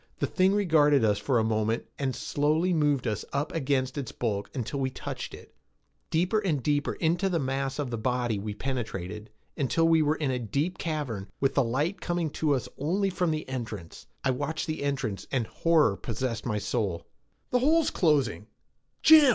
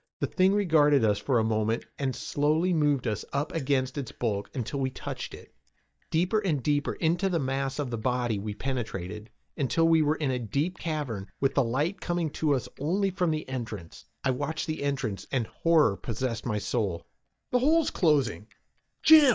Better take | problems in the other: first | noise reduction (neural mask model DeepFilterNet 3)

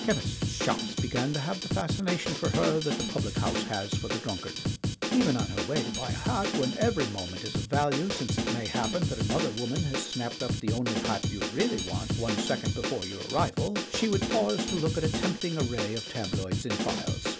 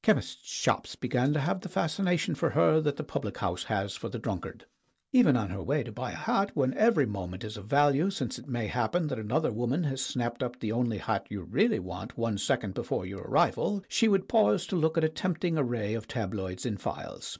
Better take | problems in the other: second | background sound (Drum kit); as loud as the speech

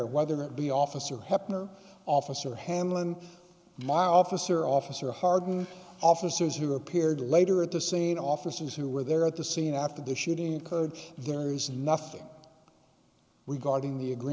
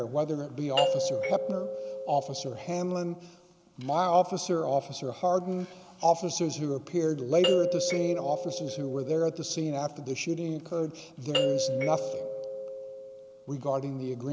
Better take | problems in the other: first | background sound (Doorbell); 2 dB below the speech

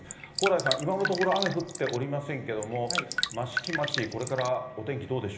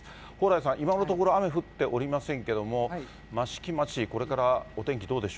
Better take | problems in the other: second | background sound (Drip); 4 dB below the speech // room echo; dies away in 1.1 s

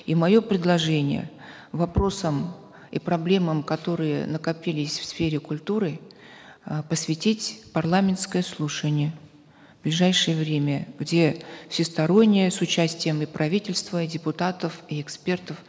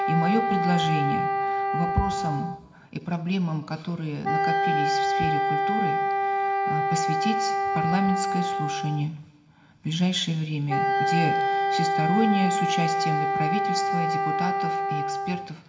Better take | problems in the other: first | background sound (Wind instrument, woodwind instrument); 3 dB above the speech // room echo; dies away in 0.8 s

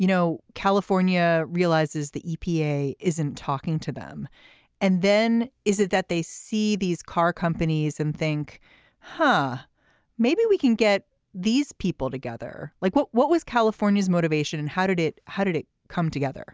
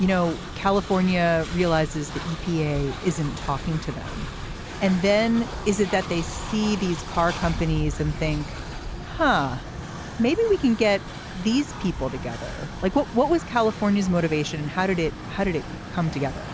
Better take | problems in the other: first | background sound (Train); 9 dB below the speech

